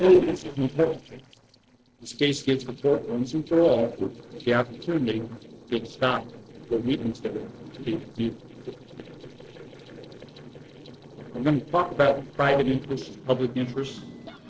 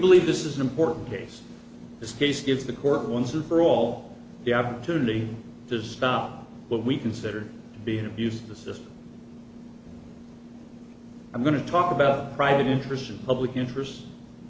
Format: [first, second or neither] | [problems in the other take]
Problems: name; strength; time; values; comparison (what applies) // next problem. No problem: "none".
second | noise reduction (neural separator model SepFormer DNS4)